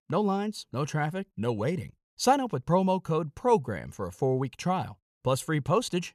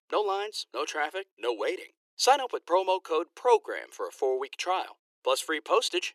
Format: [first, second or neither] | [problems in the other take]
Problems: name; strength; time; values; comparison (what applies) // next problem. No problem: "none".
first | thin; very; fading below 350 Hz